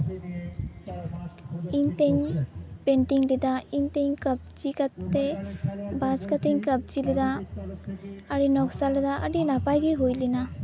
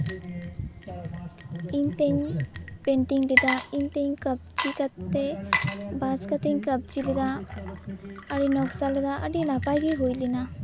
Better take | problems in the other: first | background sound (Water / Liquid); 8 dB below the speech

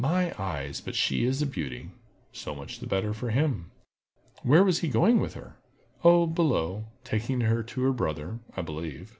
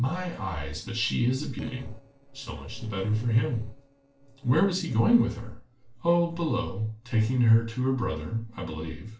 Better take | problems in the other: first | noise reduction (neural separator model SepFormer DNS4)

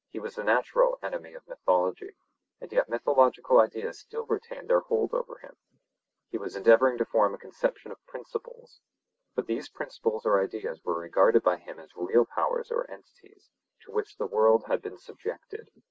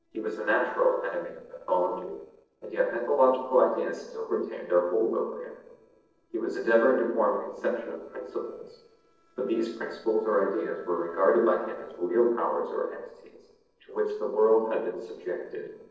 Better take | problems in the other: first | noise reduction (neural separator model SepFormer DNS4)

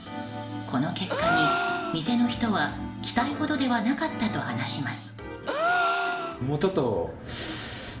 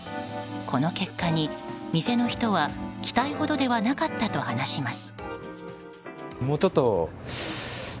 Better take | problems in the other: second | background sound (Gasp); 1 dB below the speech // room echo; dies away in 0.5 s

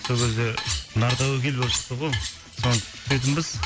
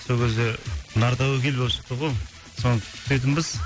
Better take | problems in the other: second | background sound (Cutlery, silverware); 7 dB below the speech

